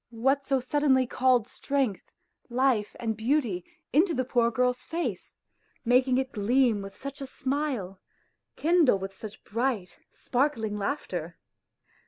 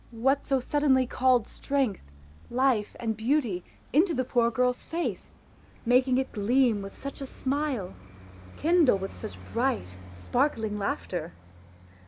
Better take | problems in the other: first | background sound (Traffic noise, roadway noise); 19 dB below the speech

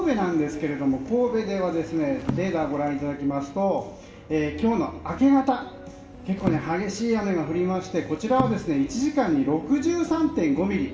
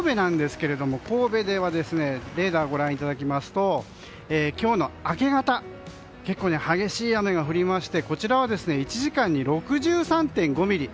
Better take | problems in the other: second | background sound (Percussion); 10 dB below the speech // room echo; dies away in 0.7 s

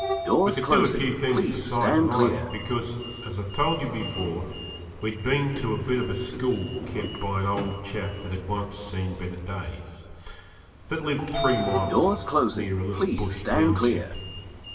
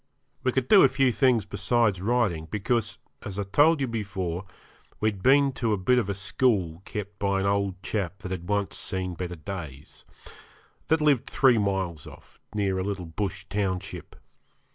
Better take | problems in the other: second | background sound (Sliding door); 1 dB below the speech // room echo; dies away in 2.6 s

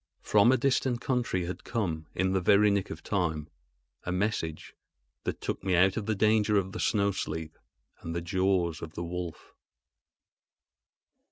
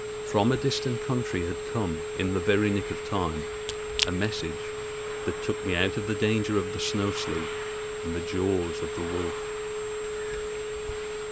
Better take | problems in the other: first | background sound (Telephone + Crack / Crushing); 3 dB below the speech

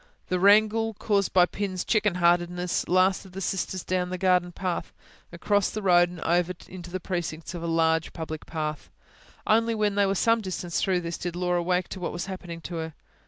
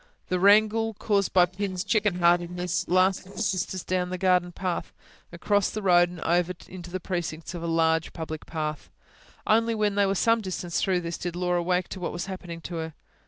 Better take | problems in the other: first | noise reduction (neural separator model SepFormer DNS4)

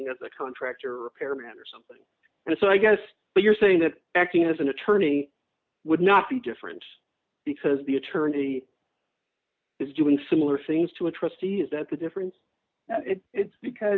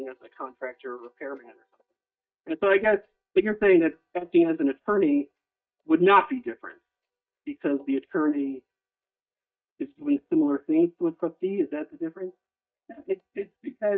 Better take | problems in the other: first | noise reduction (neural mask model DeepFilterNet 3)

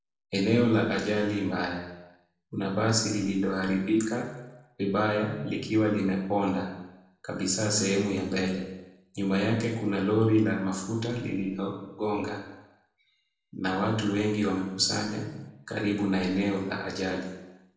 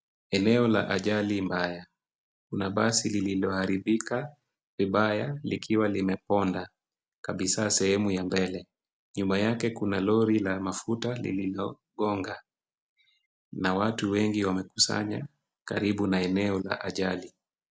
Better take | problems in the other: second | room echo; dies away in 0.8 s

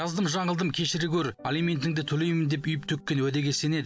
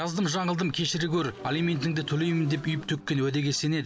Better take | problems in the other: first | background sound (Motorcycle / Engine); 18 dB below the speech

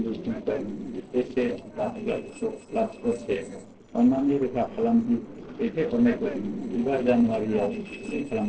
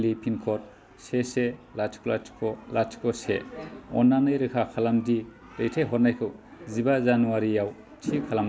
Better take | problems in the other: second | noise reduction (neural separator model SepFormer DNS4)

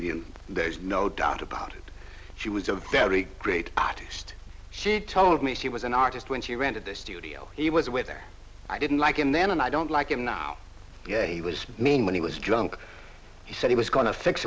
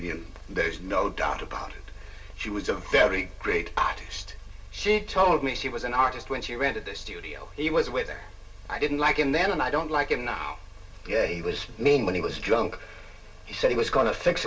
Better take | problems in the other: first | room echo; dies away in 0.1 s

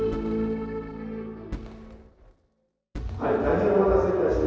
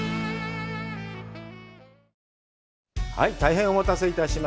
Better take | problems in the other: second | noise reduction (neural separator model SepFormer DNS4)

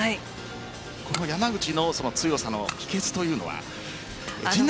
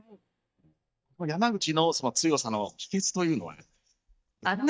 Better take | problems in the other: first | noise reduction (neural mask model DeepFilterNet 3)

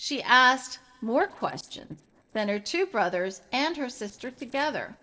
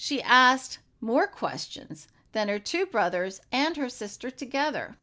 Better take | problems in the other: second | noise reduction (neural separator model SepFormer DNS4)

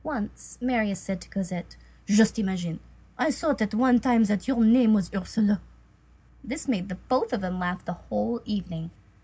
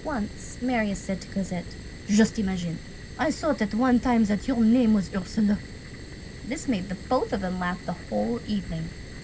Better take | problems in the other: first | background sound (Fire); 13 dB below the speech

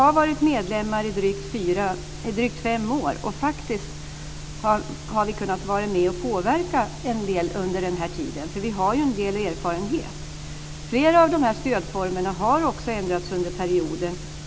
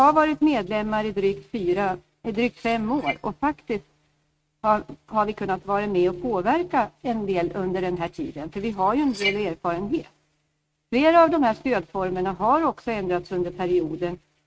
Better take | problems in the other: first | noise reduction (neural mask model RNNoise)

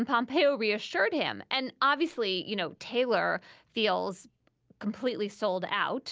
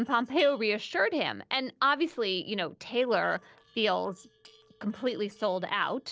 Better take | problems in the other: first | noise reduction (neural separator model SepFormer DNS4)

